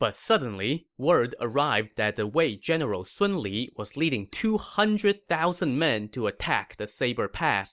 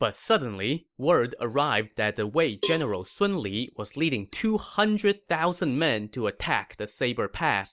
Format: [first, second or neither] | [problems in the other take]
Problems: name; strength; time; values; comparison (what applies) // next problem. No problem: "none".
first | background sound (Cowbell); 12 dB below the speech